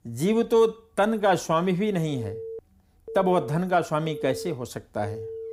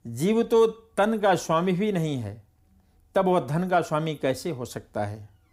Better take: second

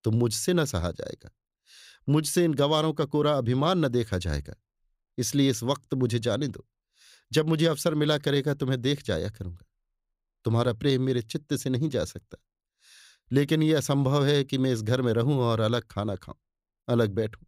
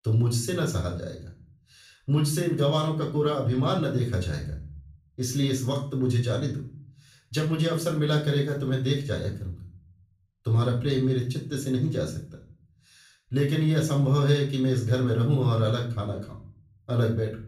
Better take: first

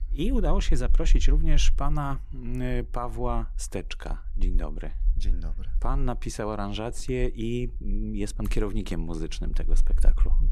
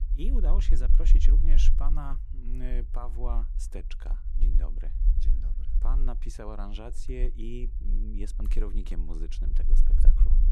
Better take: first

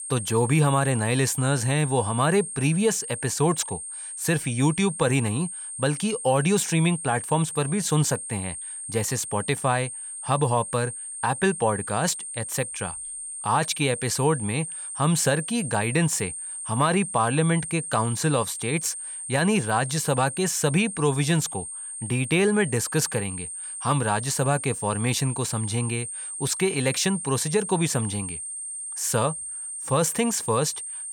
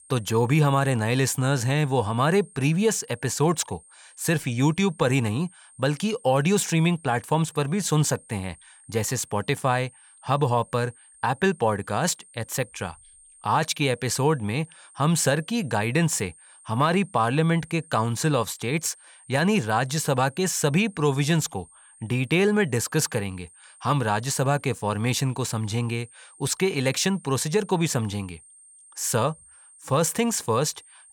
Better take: second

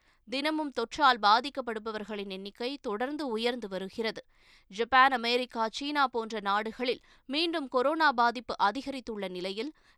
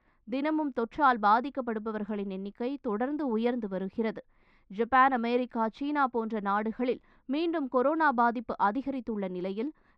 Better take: first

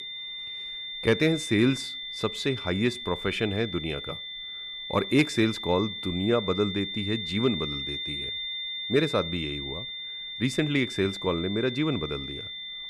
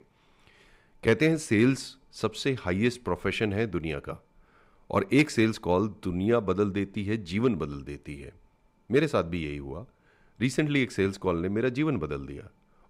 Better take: second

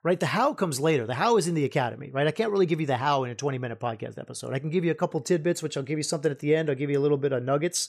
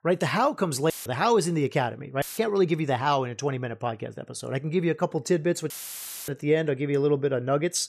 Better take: first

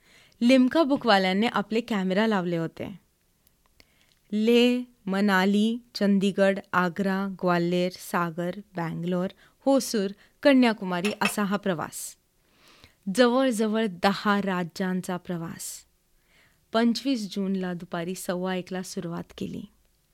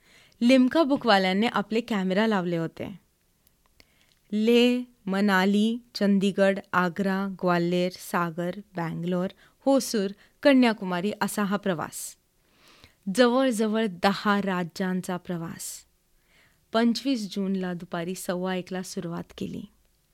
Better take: second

